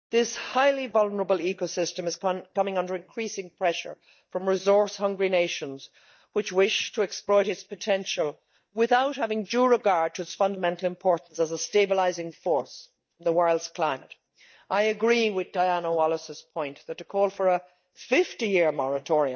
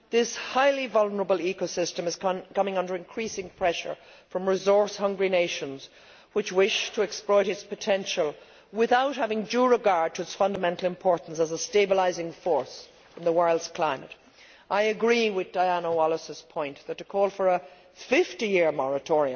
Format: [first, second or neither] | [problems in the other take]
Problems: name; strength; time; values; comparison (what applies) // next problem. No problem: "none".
second | noise reduction (neural mask model DeepFilterNet 3)